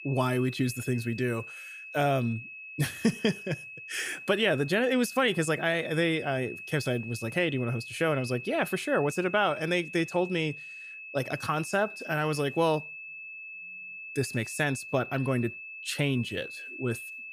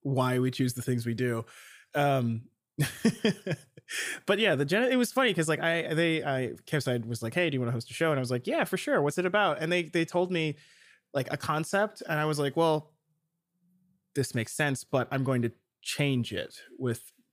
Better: second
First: high-pitched whine; noticeable; throughout; 2.5 kHz, 10 dB below the speech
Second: none

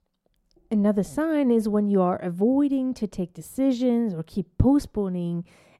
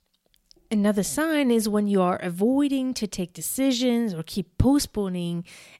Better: second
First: muffled; slightly; fading above 1.5 kHz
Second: none

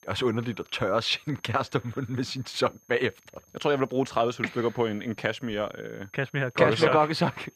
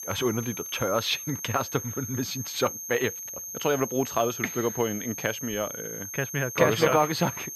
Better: first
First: high-pitched whine; faint; throughout; 6.5 kHz, 35 dB below the speech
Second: high-pitched whine; loud; throughout; 6.5 kHz, 7 dB below the speech

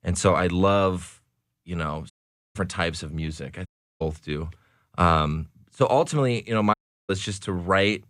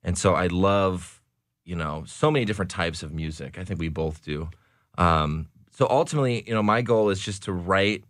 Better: second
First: audio cutting out; at 2 s, at 3.5 s and at 6.5 s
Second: none

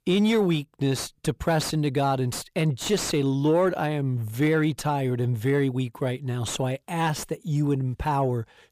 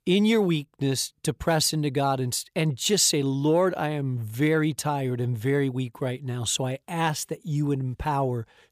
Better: second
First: distortion; slight; 10 dB below the speech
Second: none

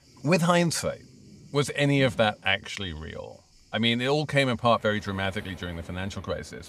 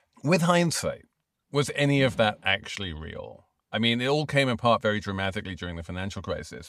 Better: second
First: rain or running water; faint; throughout; 25 dB below the speech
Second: none

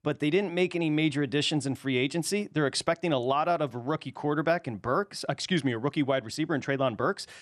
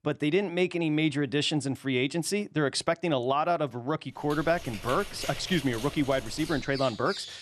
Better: first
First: none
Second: animal sounds; noticeable; from 4.5 s on; 10 dB below the speech

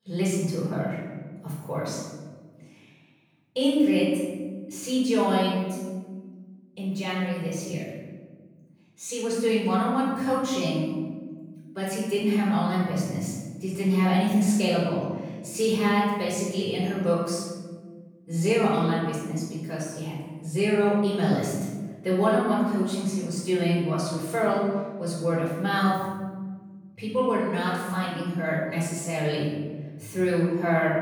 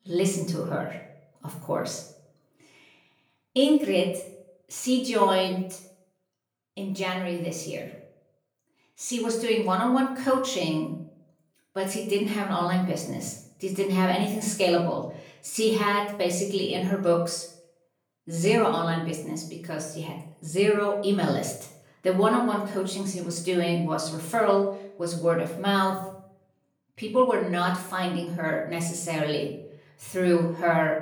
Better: second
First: room echo; strong; dies away in 1.5 s // off-mic speech; far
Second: room echo; slight; dies away in 0.5 s // off-mic speech; far

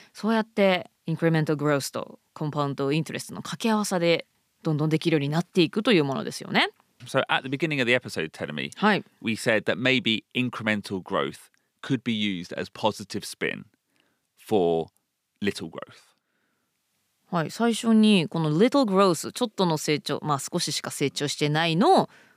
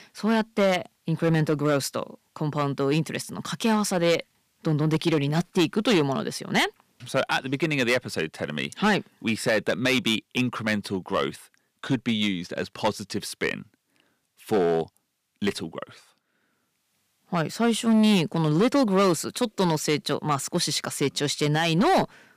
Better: first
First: none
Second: distortion; slight; 5% of the sound clipped

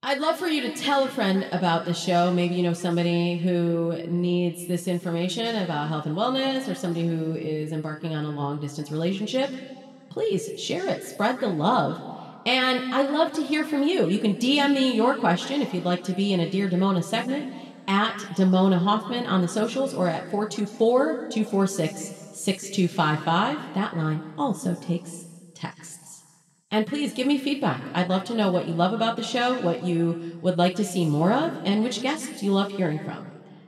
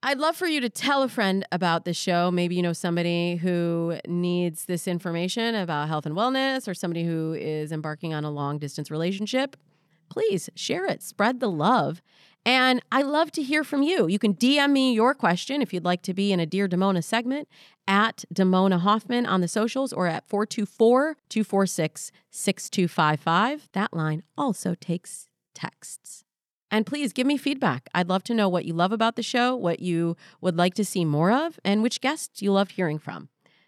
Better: second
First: room echo; slight; dies away in 1.5 s // off-mic speech; somewhat distant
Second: none

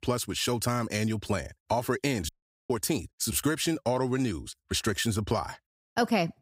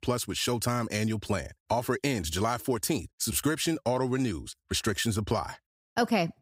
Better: second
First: audio cutting out; at 2.5 s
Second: none

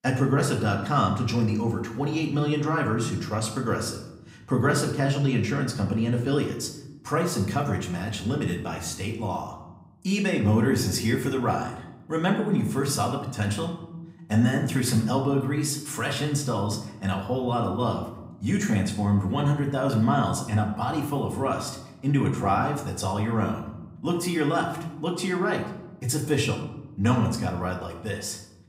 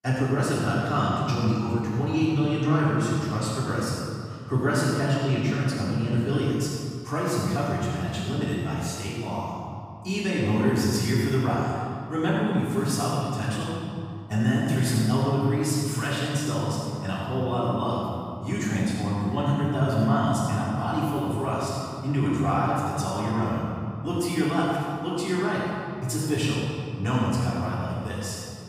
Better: first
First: room echo; slight; dies away in 0.7 s // off-mic speech; somewhat distant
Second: room echo; strong; dies away in 2.3 s // off-mic speech; far

